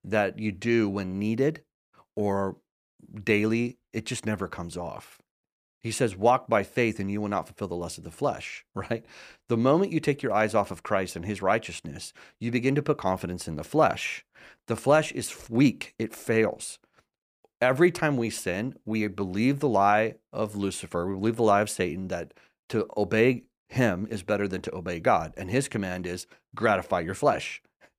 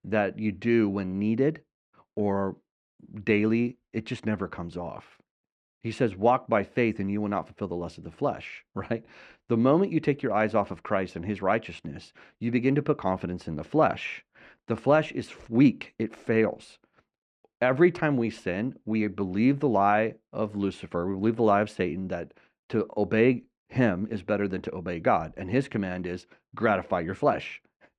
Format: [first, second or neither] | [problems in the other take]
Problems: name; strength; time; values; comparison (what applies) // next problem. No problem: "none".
first | muffled; slightly; fading above 3 kHz